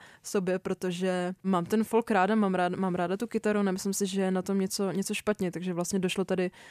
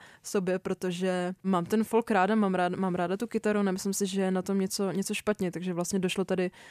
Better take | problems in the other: neither | none

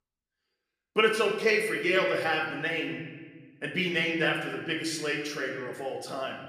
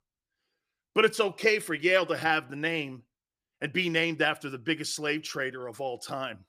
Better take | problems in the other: second | room echo; slight; dies away in 1.2 s // off-mic speech; somewhat distant

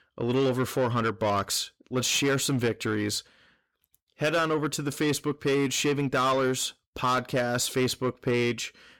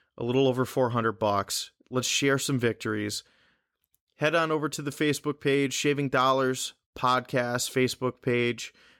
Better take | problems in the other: second | distortion; slight; 10 dB below the speech

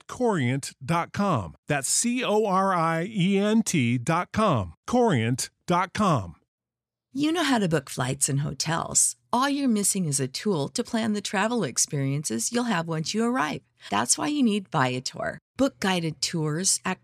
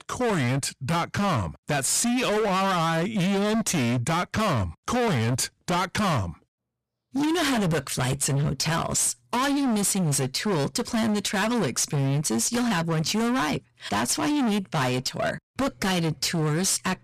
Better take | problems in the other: first | distortion; heavy; 36% of the sound clipped

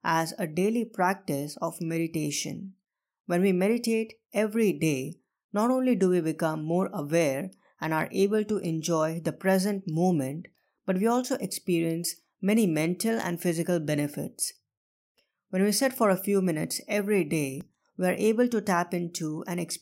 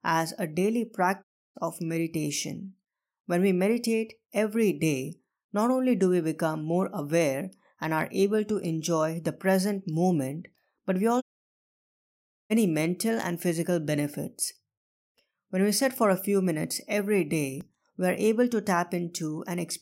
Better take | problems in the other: first | audio cutting out; at 1 s and at 11 s for 1.5 s

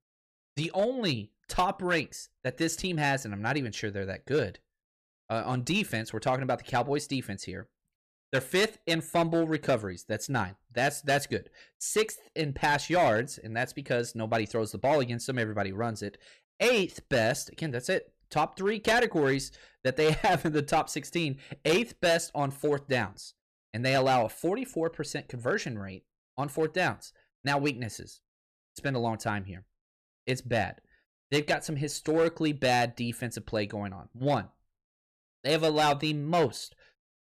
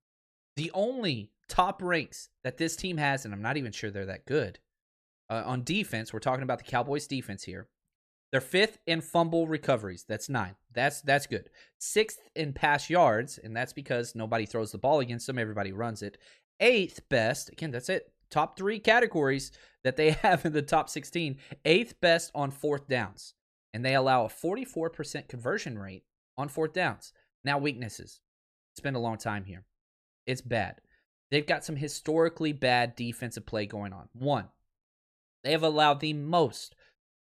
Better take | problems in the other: second | distortion; slight; 4% of the sound clipped

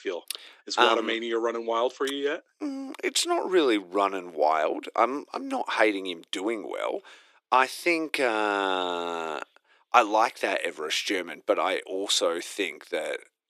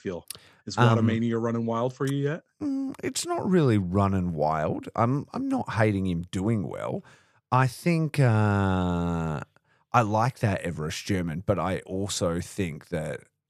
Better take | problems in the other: second | thin; very; fading below 300 Hz

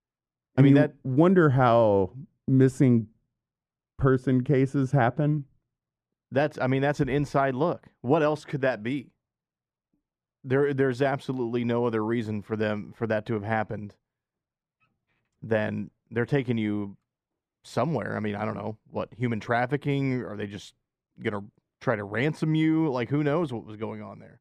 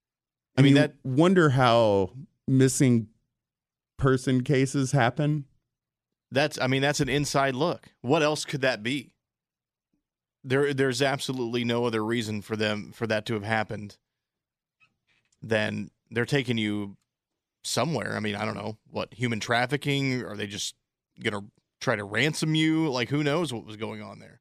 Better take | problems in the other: second | muffled; very; fading above 2.5 kHz

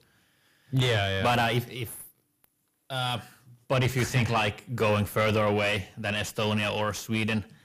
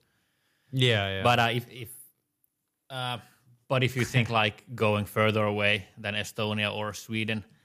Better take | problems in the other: second | distortion; heavy; 6 dB below the speech

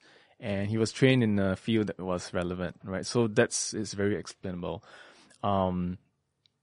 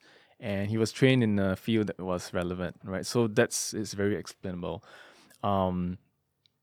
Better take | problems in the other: second | garbled, watery; slightly; nothing above 10.5 kHz

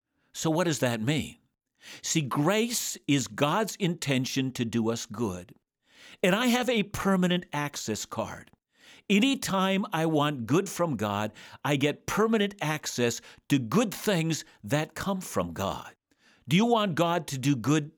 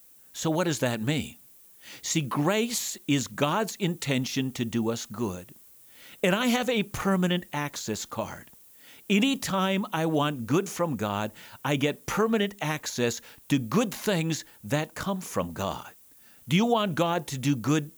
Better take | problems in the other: first | hiss; faint; throughout; 25 dB below the speech

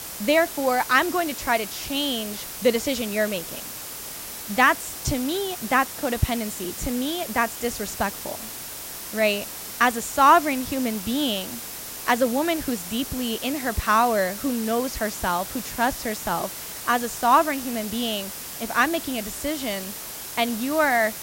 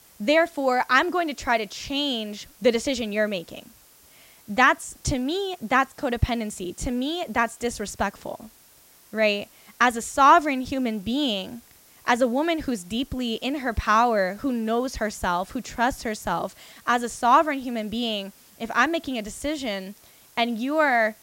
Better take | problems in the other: second | hiss; loud; throughout; 9 dB below the speech; faint in the second

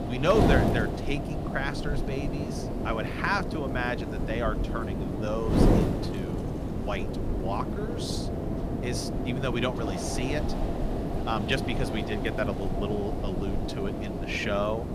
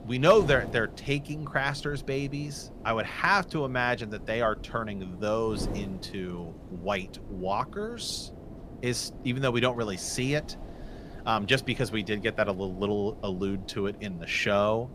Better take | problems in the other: second | wind noise on the microphone; heavy; 3 dB below the speech; occasional gusts in the second

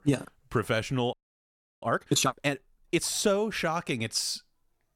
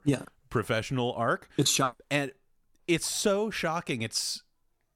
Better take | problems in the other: second | audio freezing; at 1 s for 0.5 s

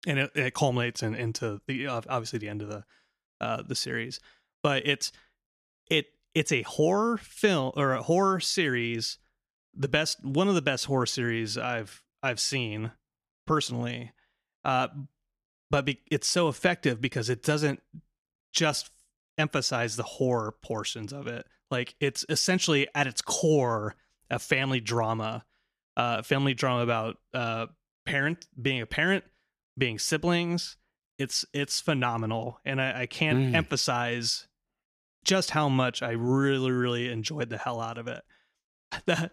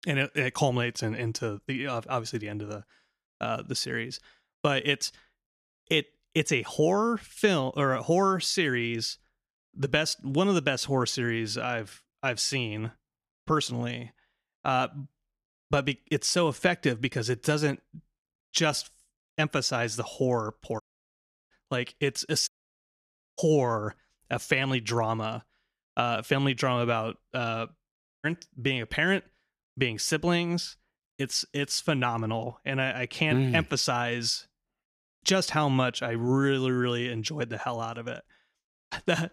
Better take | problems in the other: first | audio cutting out; at 21 s for 0.5 s, at 22 s for 1 s and at 28 s

